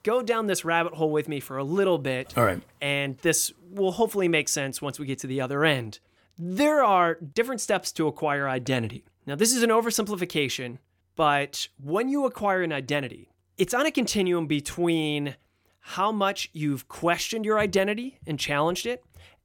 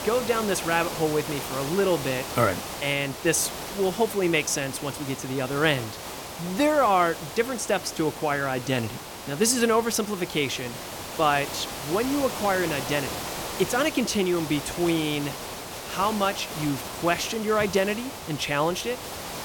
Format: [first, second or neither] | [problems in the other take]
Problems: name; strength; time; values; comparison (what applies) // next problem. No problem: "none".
first | hiss; loud; throughout; 9 dB below the speech